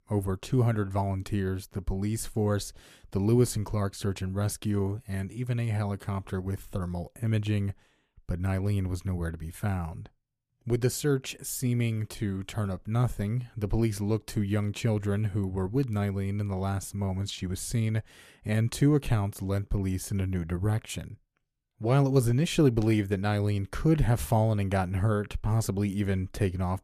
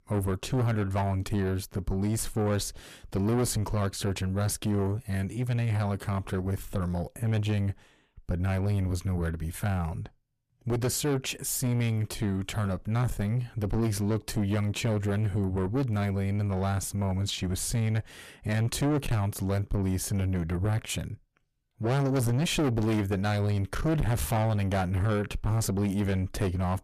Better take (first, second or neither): first